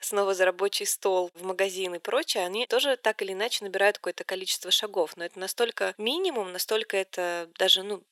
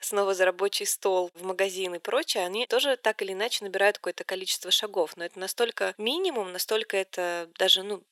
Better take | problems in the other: neither | thin; very; fading below 400 Hz; the same in both

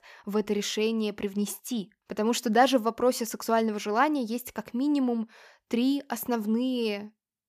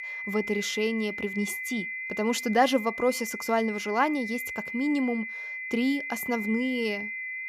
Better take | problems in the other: first | high-pitched whine; loud; throughout; 2 kHz, 5 dB below the speech

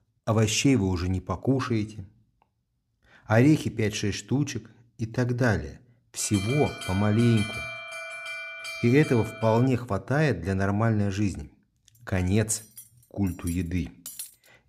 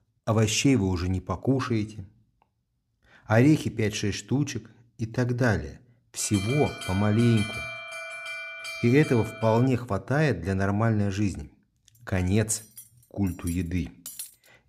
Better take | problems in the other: neither | alarm; noticeable; from 6 to 9.5 s; peak 7 dB below the speech; the same in both // clattering dishes; faint; from 13 s on; peak 10 dB below the speech; the same in both

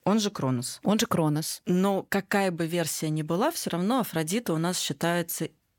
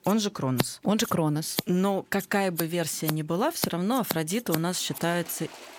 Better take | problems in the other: first | household noises; loud; throughout; 8 dB below the speech

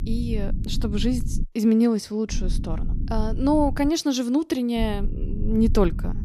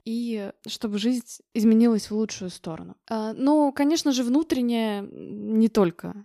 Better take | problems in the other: second | low rumble; noticeable; until 1.5 s, from 2.5 to 4 s and from 5 s on; 15 dB below the speech

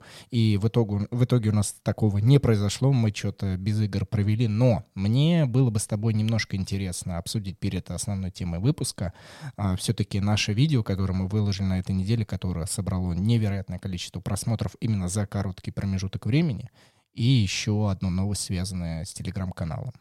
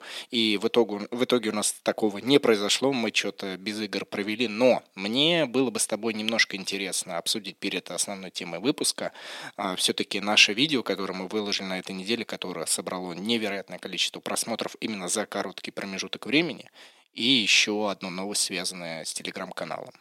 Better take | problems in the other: first | thin; somewhat; fading below 300 Hz

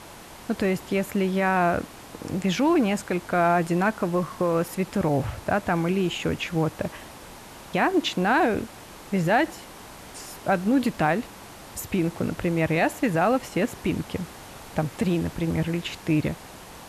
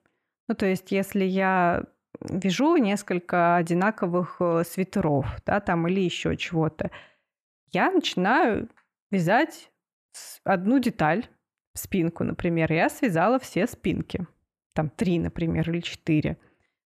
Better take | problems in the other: second | hiss; noticeable; throughout; 15 dB below the speech

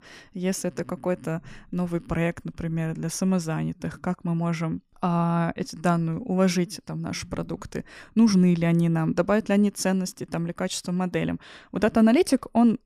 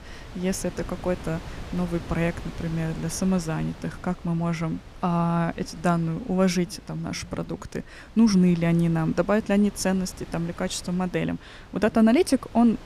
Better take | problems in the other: first | wind noise on the microphone; occasional gusts; 15 dB below the speech

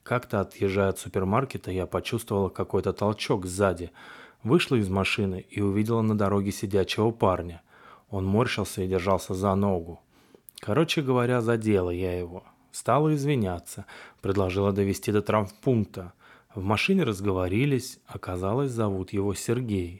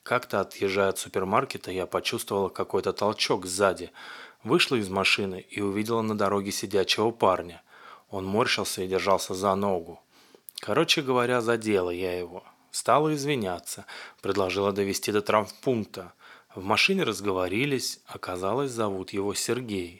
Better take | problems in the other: first | thin; very slightly; fading below 950 Hz

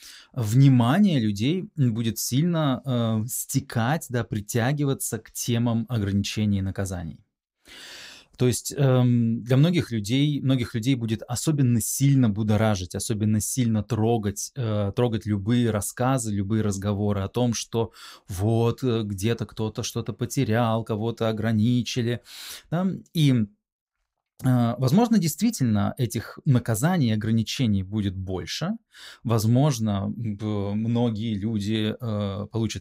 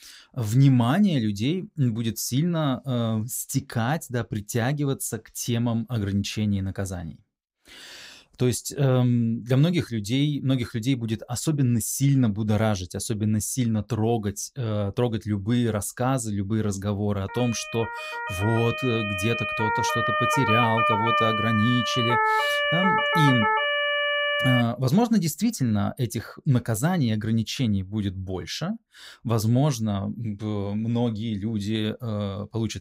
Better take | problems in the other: first | siren; loud; from 17 to 25 s; peak 4 dB above the speech

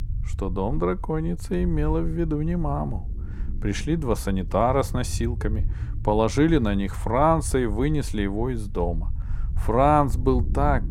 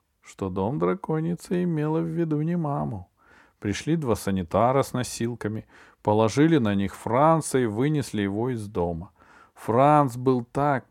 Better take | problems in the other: second | low rumble; faint; throughout; 25 dB below the speech

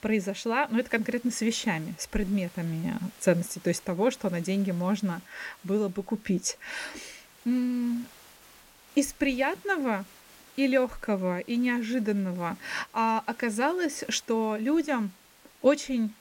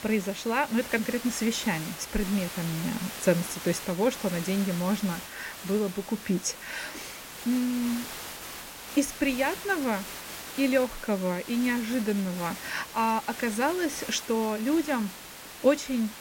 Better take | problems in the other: first | hiss; loud; throughout; 10 dB below the speech; faint in the first

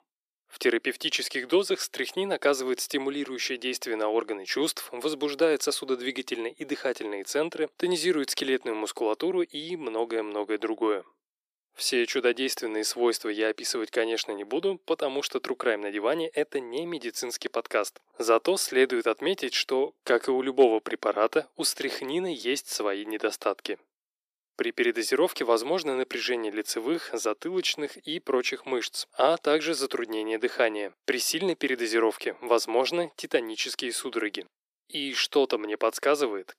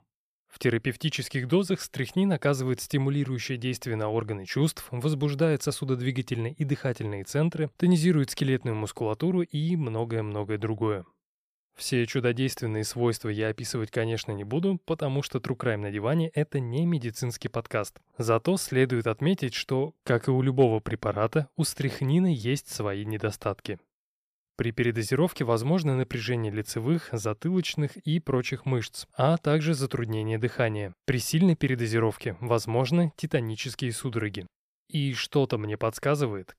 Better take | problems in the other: second | thin; very; fading below 300 Hz

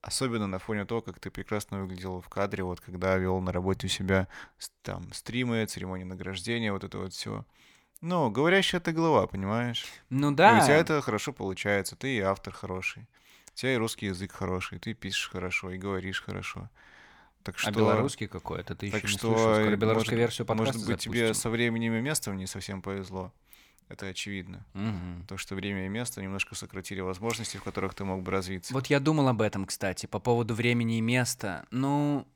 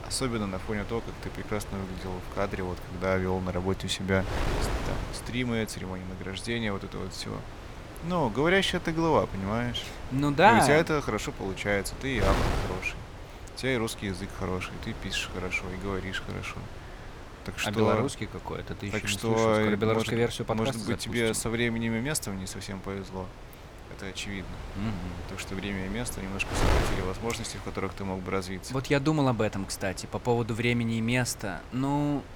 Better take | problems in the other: first | wind noise on the microphone; occasional gusts; 10 dB below the speech

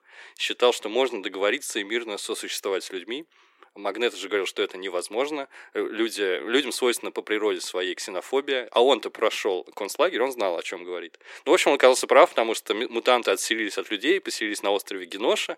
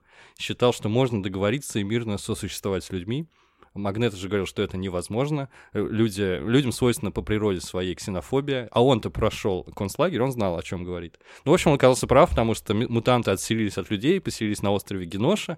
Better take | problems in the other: second | thin; somewhat; fading below 300 Hz

